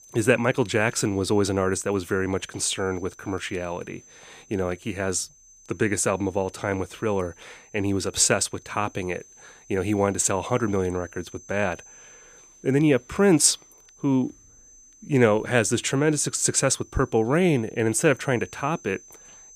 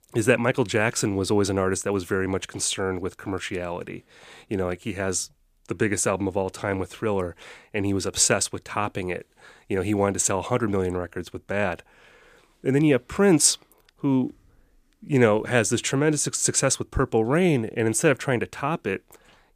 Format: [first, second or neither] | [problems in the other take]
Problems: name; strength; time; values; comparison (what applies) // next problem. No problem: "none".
second | high-pitched whine; faint; throughout; 6 kHz, 25 dB below the speech